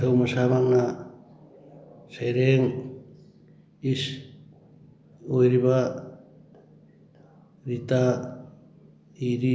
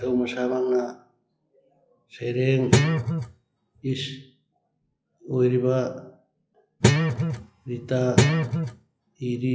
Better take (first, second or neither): first